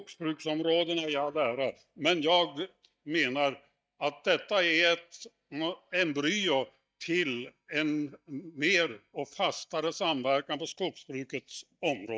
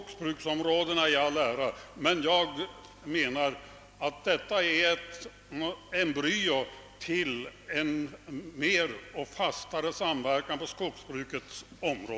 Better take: second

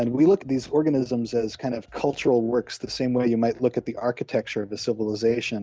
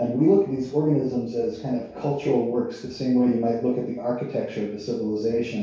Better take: first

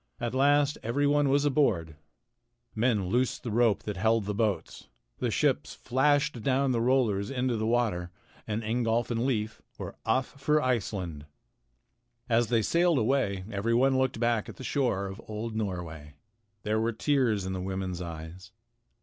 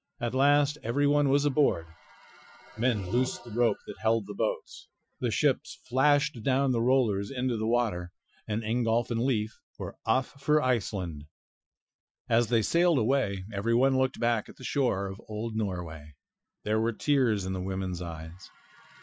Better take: first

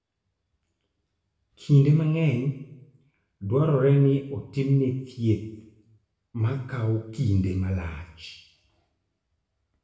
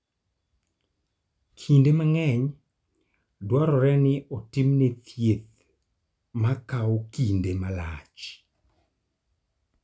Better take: second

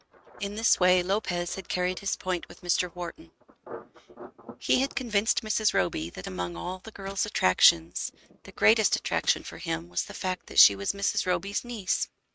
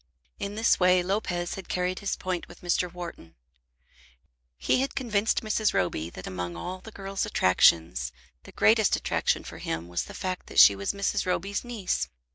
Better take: second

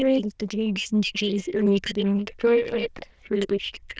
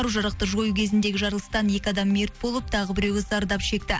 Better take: second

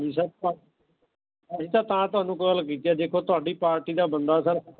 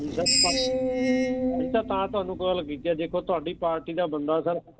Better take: first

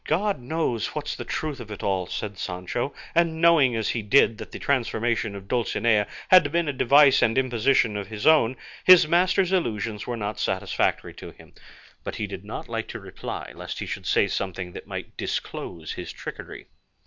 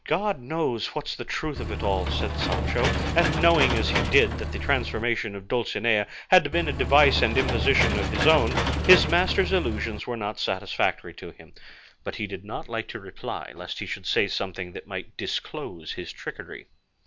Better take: first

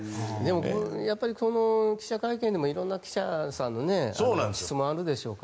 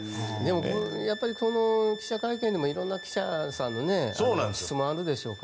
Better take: first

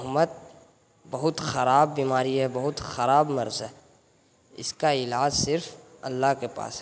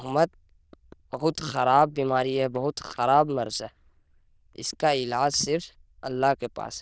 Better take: first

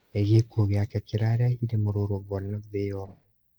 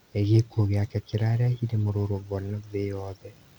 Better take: second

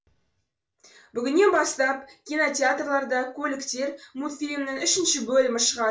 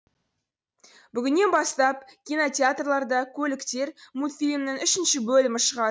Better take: second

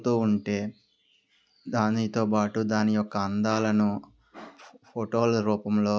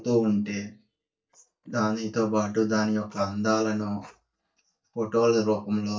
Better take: first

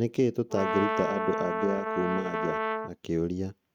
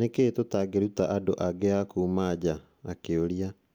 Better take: second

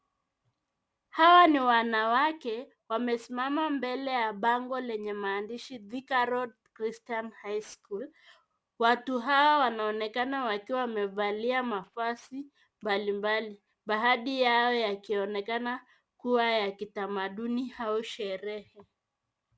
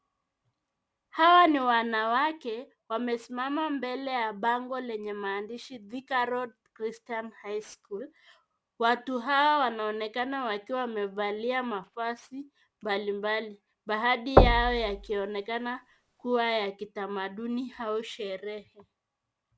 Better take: first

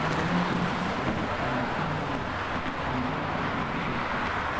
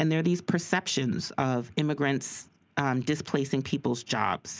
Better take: second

